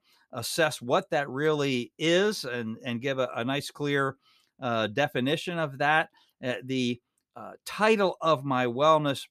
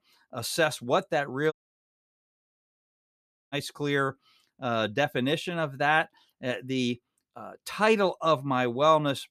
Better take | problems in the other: first | audio cutting out; at 1.5 s for 2 s

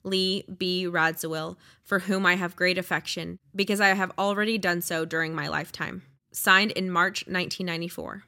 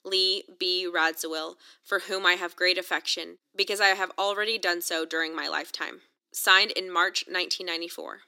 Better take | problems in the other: first | thin; very; fading below 300 Hz

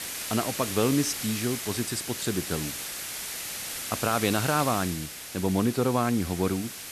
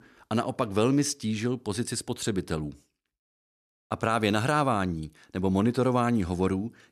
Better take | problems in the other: second | hiss; loud; throughout; 5 dB below the speech

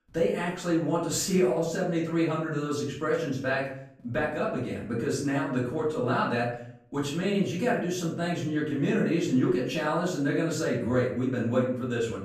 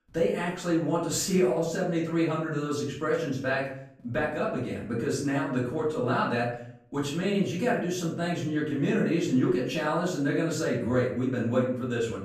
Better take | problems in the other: neither | off-mic speech; far; the same in both // room echo; noticeable; dies away in 0.5 s; the same in both

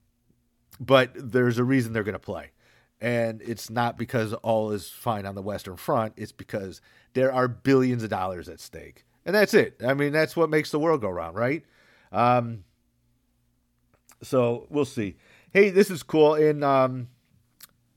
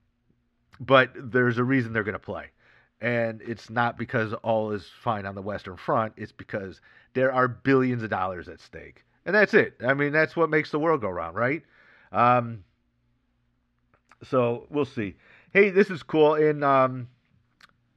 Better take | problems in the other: first | muffled; slightly; fading above 3 kHz

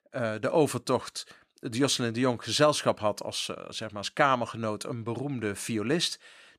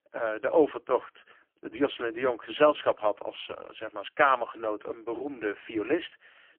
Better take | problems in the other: first | phone-call audio; poor line; nothing above 3.5 kHz

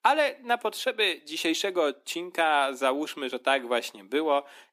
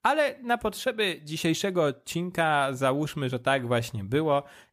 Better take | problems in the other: second | thin; somewhat; fading below 250 Hz

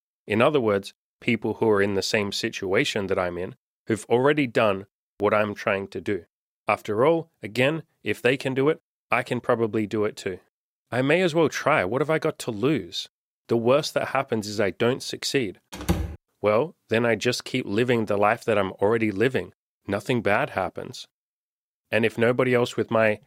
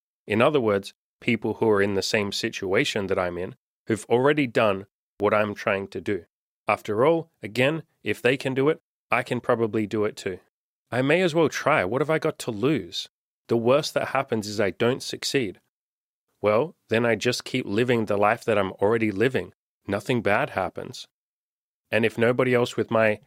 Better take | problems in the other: second | door banging; noticeable; at 16 s; peak 4 dB below the speech

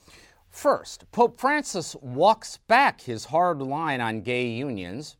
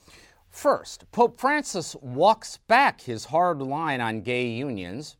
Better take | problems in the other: neither | none

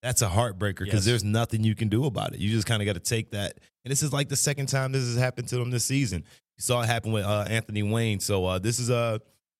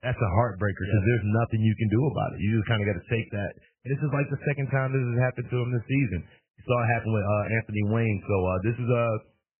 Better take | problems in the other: first | garbled, watery; badly; nothing above 3 kHz

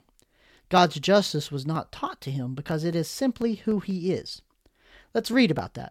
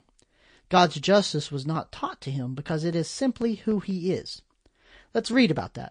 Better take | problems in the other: first | garbled, watery; slightly; nothing above 9 kHz

